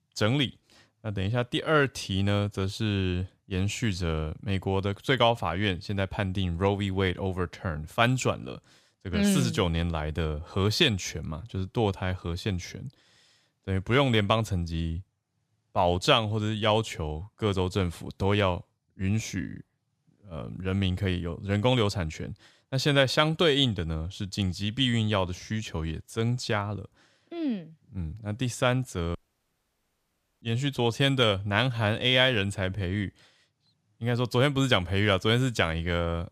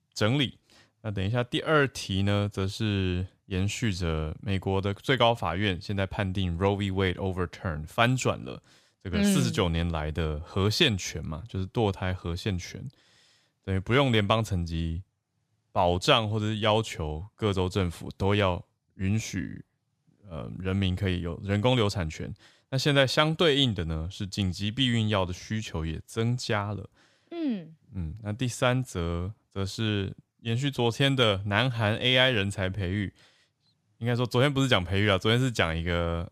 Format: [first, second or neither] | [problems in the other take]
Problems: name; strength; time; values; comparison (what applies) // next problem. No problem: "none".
second | audio cutting out; at 29 s for 1.5 s